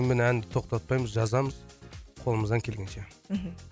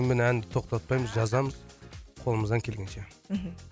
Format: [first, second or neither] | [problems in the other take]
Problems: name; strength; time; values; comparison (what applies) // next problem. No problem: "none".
first | background sound (Chicken, rooster); 16 dB below the speech